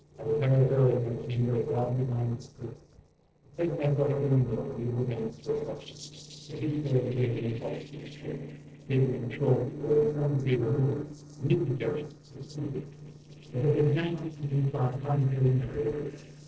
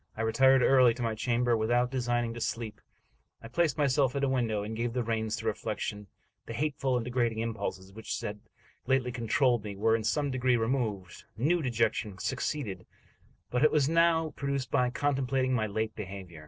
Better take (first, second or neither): second